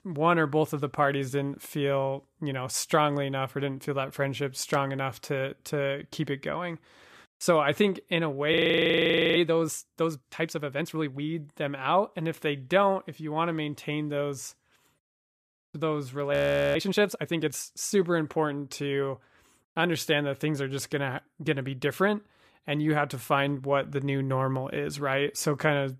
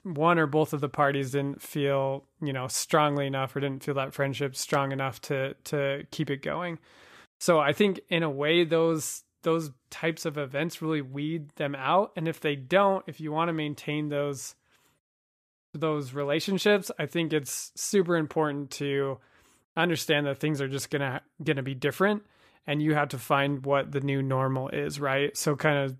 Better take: second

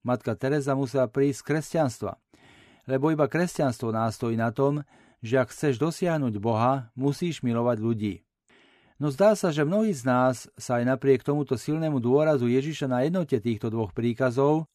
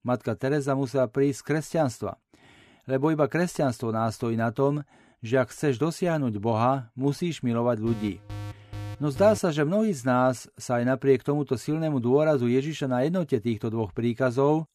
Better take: first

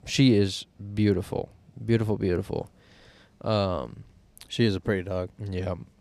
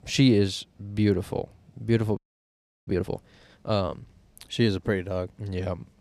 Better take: first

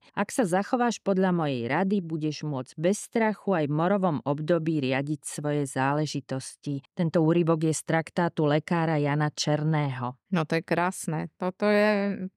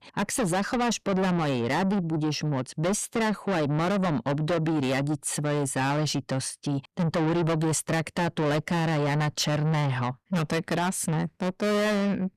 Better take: first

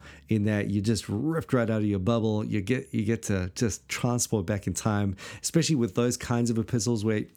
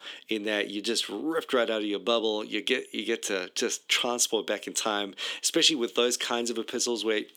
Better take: first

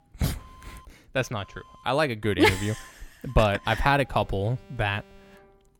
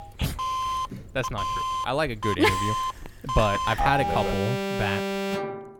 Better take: first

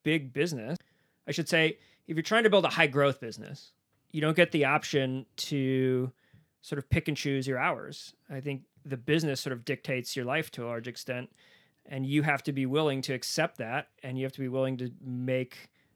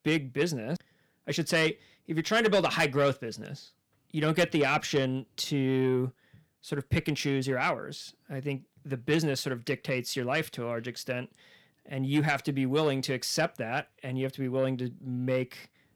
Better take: first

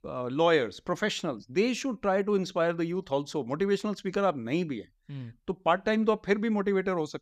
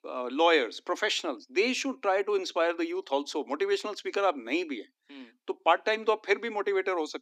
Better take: first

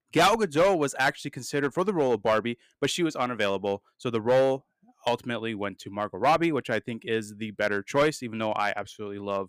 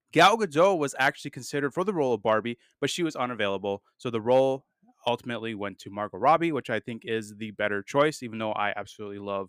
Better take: second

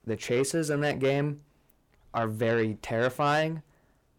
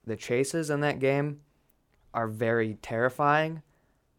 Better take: second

